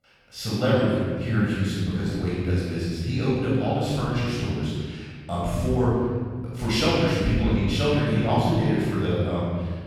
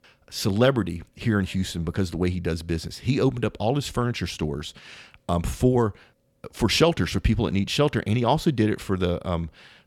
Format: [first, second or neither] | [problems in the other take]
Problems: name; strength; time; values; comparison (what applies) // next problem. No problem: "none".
second | off-mic speech; far // room echo; strong; dies away in 1.7 s